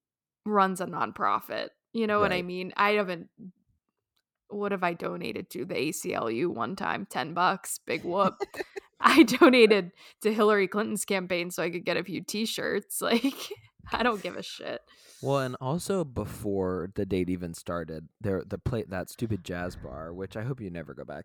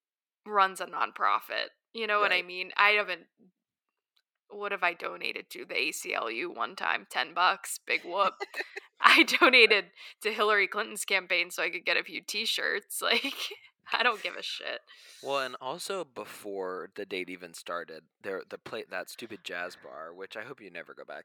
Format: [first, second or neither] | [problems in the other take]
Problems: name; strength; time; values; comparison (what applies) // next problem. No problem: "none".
first | thin; somewhat; fading below 450 Hz